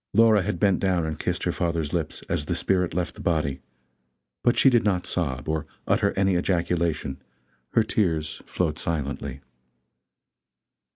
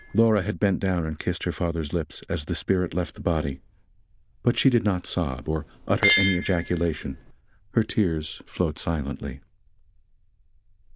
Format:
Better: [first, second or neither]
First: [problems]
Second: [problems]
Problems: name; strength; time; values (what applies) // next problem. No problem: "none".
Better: first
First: none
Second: noise reduction (neural diffusion model UNIVERSE++)